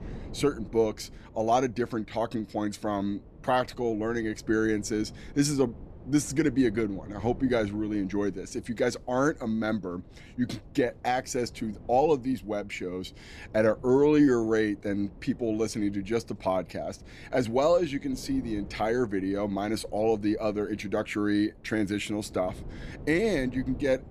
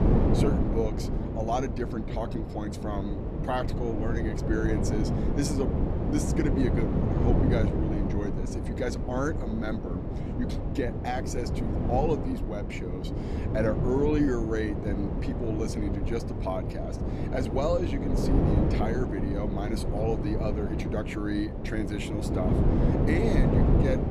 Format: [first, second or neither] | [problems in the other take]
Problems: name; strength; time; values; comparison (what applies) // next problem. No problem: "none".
first | wind noise on the microphone; heavy; 2 dB below the speech; occasional gusts in the first